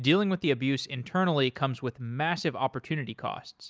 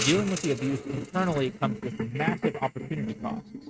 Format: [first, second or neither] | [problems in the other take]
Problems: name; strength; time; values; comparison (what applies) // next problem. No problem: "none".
first | noise reduction (neural mask model RNNoise)